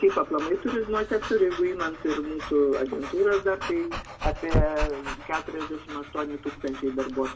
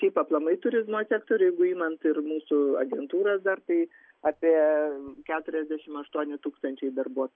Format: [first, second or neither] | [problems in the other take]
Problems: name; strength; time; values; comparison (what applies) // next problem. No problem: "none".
second | background sound (Dog / Breathing); 7 dB below the speech // room echo; dies away in 0.4 s